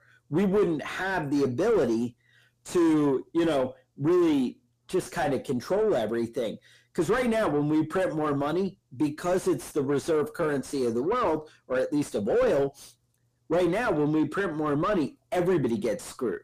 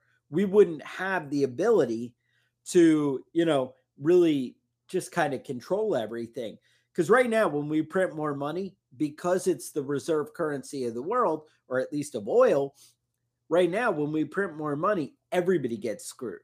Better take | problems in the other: second | distortion; heavy; 6 dB below the speech

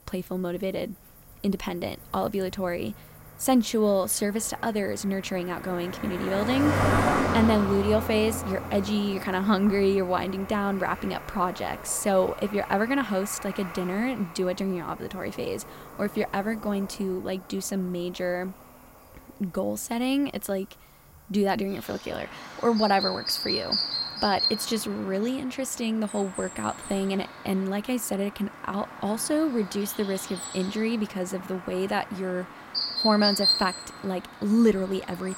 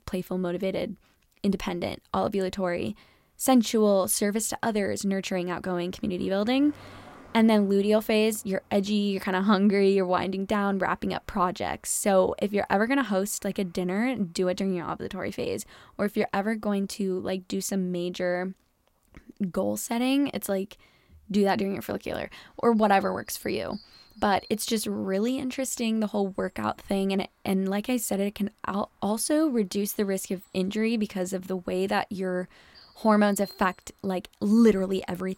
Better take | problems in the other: second | animal sounds; loud; throughout; 3 dB below the speech; faint in the second

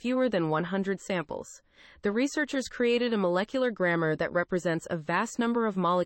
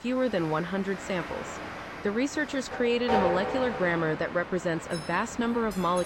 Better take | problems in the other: first | train or aircraft noise; loud; throughout; 7 dB below the speech

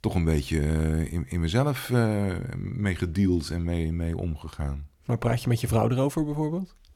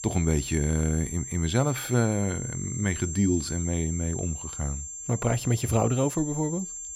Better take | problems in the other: first | high-pitched whine; loud; throughout; 7.5 kHz, 7 dB below the speech

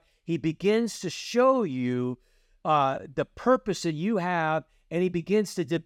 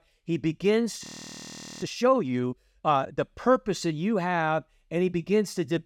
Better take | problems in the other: first | audio freezing; at 1 s for 1 s

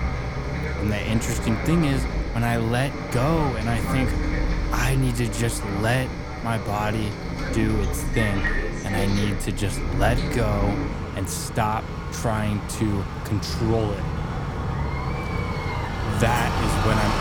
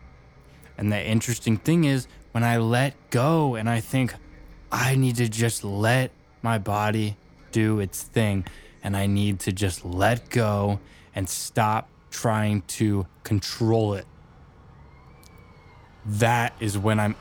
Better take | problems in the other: second | traffic noise; loud; throughout; 2 dB below the speech; faint in the second

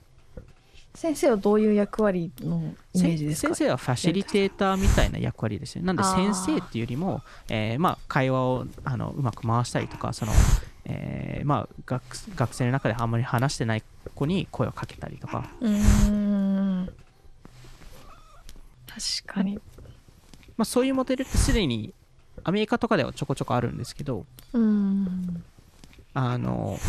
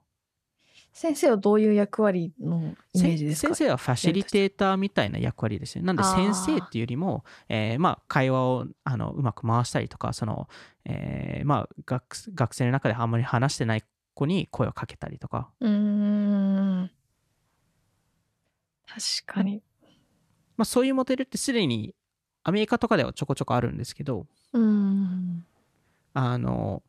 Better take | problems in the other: second | hiss; loud; throughout; 4 dB below the speech

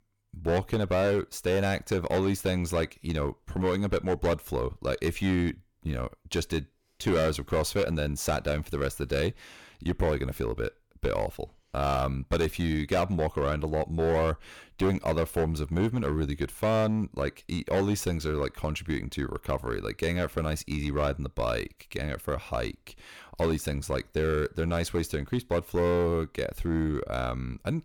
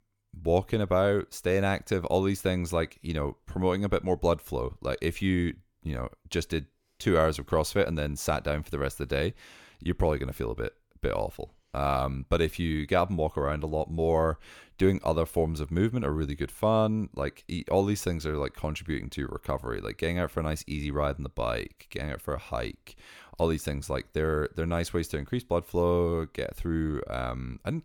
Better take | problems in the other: second | distortion; slight; 7% of the sound clipped

